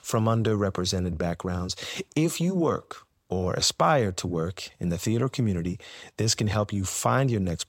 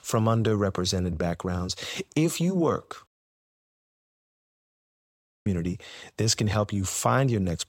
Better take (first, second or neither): first